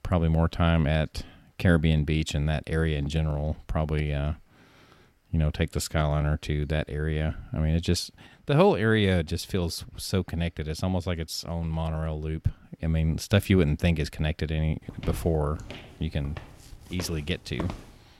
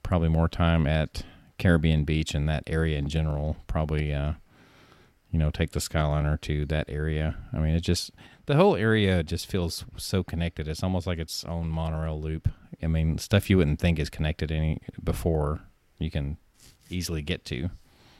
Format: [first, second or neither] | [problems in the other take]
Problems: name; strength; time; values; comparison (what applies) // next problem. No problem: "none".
second | footsteps; faint; from 15 s on; peak 10 dB below the speech